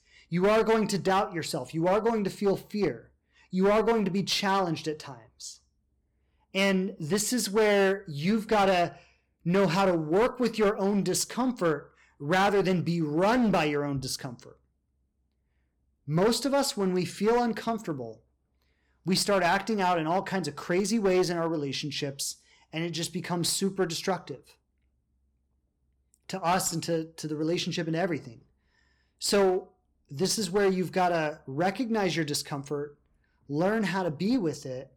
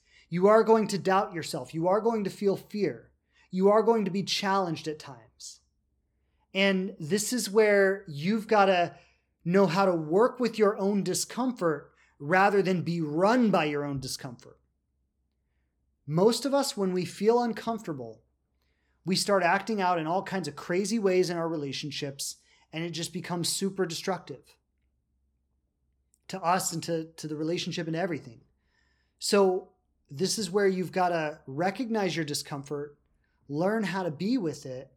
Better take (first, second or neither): second